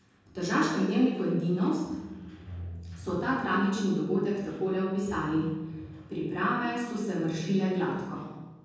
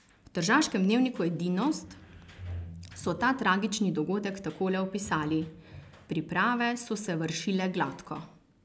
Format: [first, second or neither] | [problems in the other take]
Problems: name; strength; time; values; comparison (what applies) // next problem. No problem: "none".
second | background sound (Plucked string instrument); 20 dB below the speech // room echo; dies away in 1.3 s